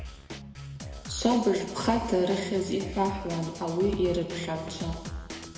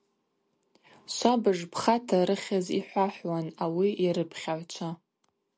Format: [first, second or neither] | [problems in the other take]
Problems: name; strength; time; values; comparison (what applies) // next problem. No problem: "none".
second | background sound (Drum kit); 10 dB below the speech // room echo; dies away in 2.5 s